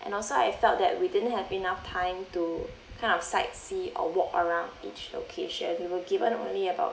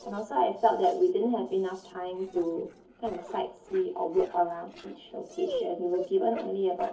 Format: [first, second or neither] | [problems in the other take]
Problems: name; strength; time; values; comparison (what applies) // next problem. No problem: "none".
first | noise reduction (neural separator model SepFormer DNS4)